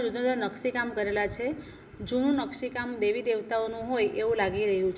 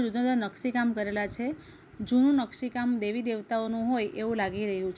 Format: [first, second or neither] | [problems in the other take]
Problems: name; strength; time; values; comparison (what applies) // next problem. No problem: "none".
second | room echo; dies away in 1.7 s